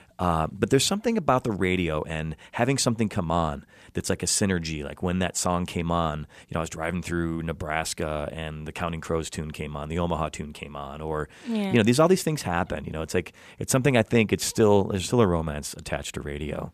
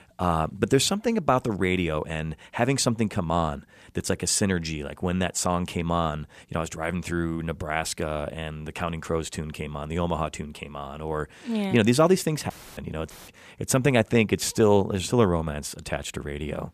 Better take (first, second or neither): first